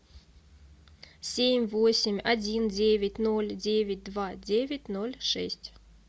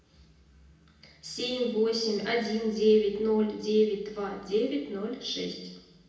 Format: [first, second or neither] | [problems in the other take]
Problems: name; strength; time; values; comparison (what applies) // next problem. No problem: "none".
first | room echo; dies away in 0.9 s